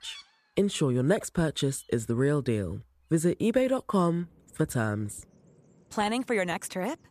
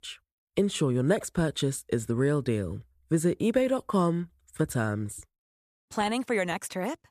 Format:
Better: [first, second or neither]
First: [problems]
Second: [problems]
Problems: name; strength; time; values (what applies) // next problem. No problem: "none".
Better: second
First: animal sounds; faint; throughout; 30 dB below the speech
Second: none